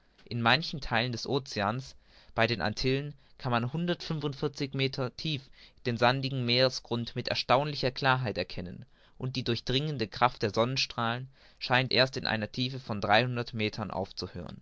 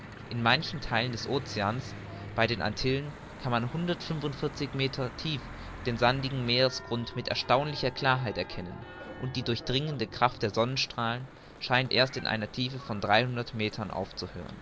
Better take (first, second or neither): first